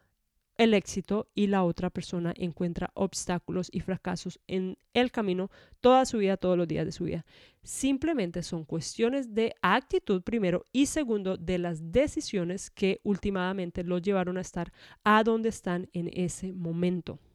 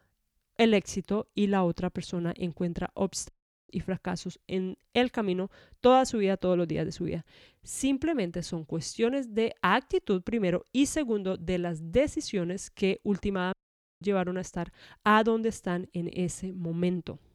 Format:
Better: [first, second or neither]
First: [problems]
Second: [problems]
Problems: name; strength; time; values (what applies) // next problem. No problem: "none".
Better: first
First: none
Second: audio cutting out; at 3.5 s and at 14 s